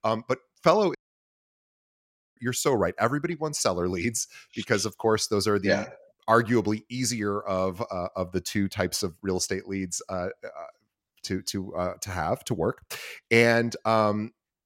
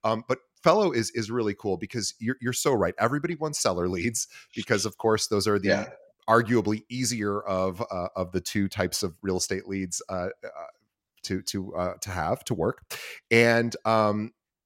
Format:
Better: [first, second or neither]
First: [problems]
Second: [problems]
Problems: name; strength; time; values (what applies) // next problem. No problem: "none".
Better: second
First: audio cutting out; at 1 s for 1.5 s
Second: none